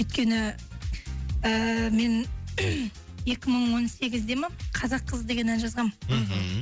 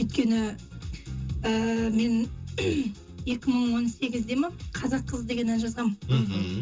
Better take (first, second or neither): first